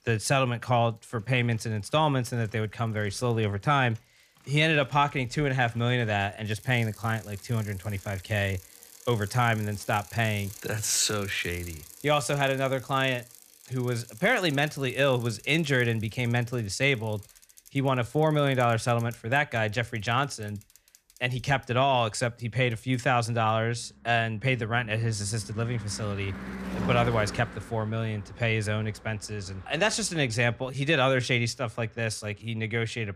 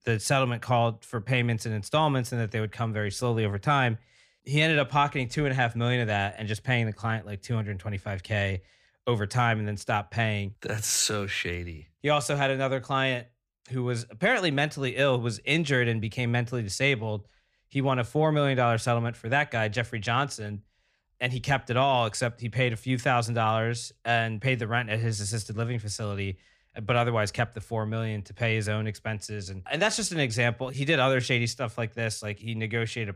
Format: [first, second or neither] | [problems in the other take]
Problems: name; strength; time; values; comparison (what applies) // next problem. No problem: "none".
second | traffic noise; noticeable; throughout; 15 dB below the speech